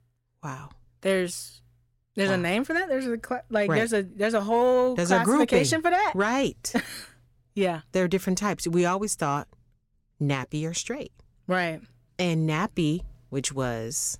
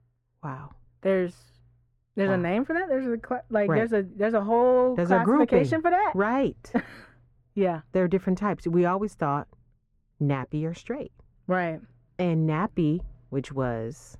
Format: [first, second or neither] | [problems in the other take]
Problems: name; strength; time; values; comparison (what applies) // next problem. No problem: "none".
first | muffled; very; fading above 3 kHz